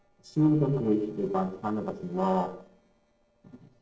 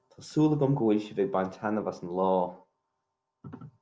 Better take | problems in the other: second | noise reduction (neural separator model SepFormer DNS4)

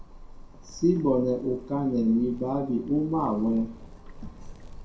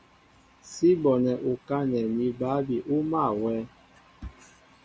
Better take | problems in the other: second | background sound (Zipper (clothing)); 16 dB below the speech // room echo; dies away in 0.5 s

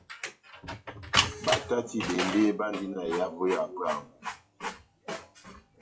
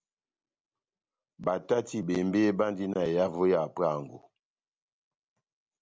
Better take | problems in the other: second | noise reduction (classical method WPE with log-MMSE)

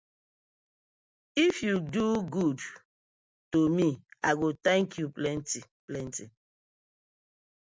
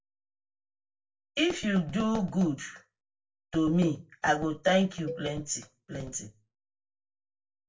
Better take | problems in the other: first | noise reduction (neural separator model SepFormer DNS4)

